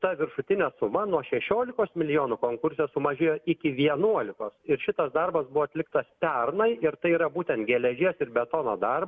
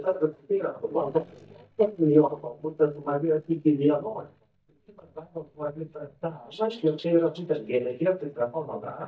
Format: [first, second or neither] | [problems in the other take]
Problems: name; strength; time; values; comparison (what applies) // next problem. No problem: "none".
first | noise reduction (neural mask model DeepFilterNet 3)